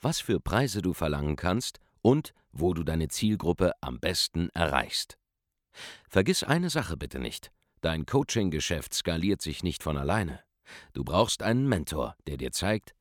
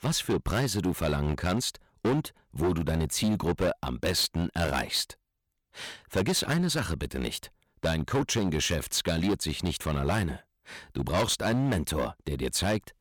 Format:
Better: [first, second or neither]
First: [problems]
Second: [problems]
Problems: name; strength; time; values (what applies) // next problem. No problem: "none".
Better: first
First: none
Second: distortion; heavy; 11% of the sound clipped